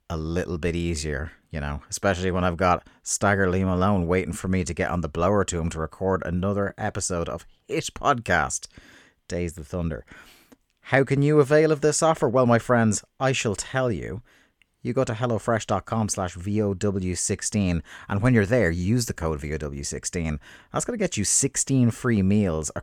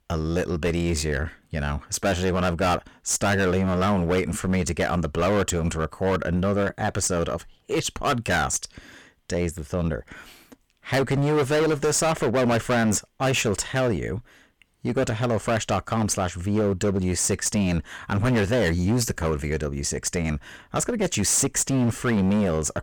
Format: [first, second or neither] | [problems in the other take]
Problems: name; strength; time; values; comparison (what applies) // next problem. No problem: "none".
first | distortion; heavy; 15% of the sound clipped